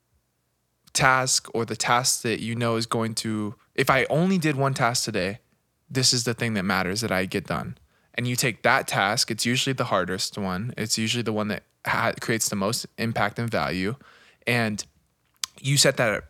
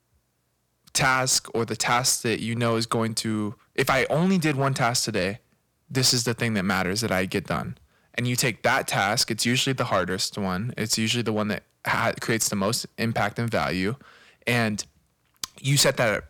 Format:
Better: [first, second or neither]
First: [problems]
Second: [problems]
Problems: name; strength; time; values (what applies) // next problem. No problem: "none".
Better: first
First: none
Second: distortion; slight; 2% of the sound clipped